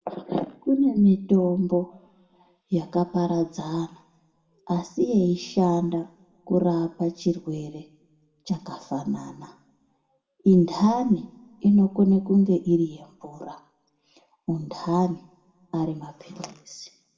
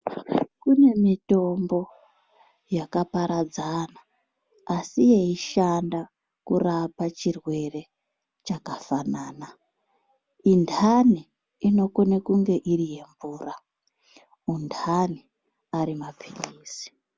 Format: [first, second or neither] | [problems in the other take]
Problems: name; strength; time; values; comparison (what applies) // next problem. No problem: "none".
second | room echo; dies away in 0.7 s